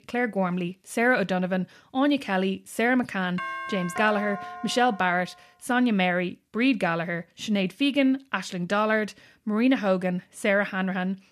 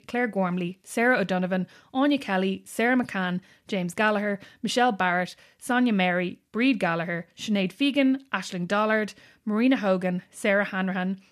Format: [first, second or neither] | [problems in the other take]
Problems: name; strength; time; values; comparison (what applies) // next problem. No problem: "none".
second | doorbell; noticeable; from 3.5 to 5 s; peak 7 dB below the speech